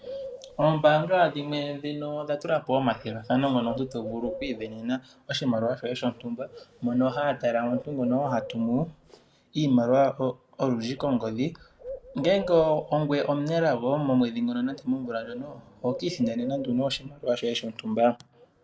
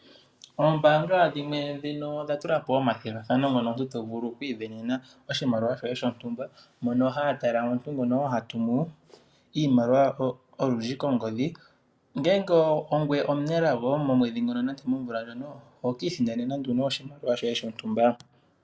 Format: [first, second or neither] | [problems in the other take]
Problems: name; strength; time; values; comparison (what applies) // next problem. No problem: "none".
second | background sound (Bird); 16 dB below the speech